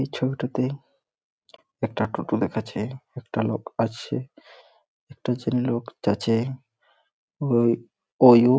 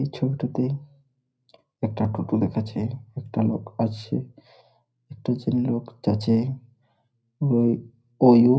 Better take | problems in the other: first | room echo; dies away in 0.4 s

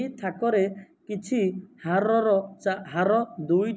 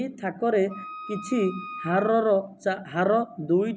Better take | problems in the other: first | background sound (Wind instrument, woodwind instrument); 14 dB below the speech

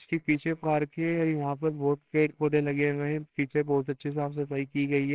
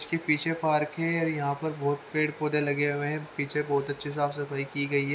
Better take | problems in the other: second | noise reduction (neural separator model SepFormer WHAMR!)

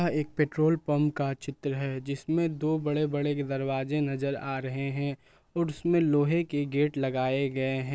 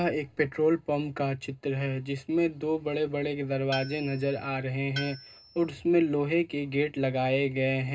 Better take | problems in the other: first | background sound (Tools); 13 dB below the speech // room echo; dies away in 0.2 s

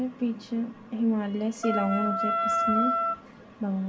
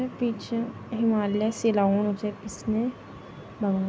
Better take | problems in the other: second | background sound (Wind instrument, woodwind instrument); 2 dB above the speech // room echo; dies away in 0.2 s

